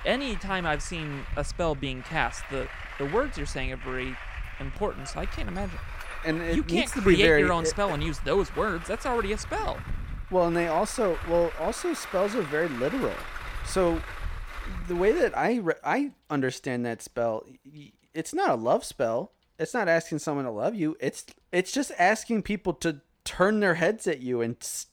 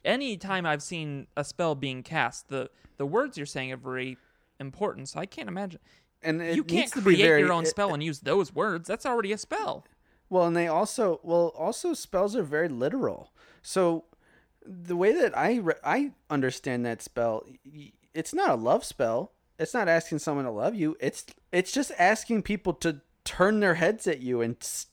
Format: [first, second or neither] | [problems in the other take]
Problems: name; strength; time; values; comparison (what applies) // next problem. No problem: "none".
second | traffic noise; noticeable; throughout; 10 dB below the speech